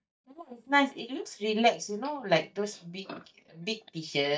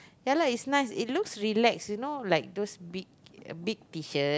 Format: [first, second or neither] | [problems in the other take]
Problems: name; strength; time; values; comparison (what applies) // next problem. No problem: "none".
second | noise reduction (neural mask model DeepFilterNet 3)